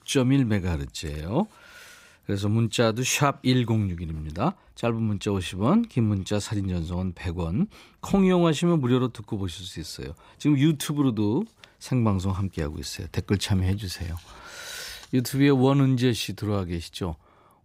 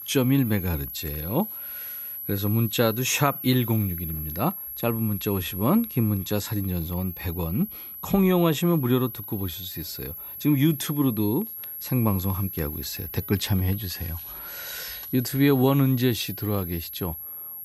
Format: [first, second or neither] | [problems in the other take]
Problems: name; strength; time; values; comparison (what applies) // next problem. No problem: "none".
first | high-pitched whine; loud; throughout; 12 kHz, 8 dB below the speech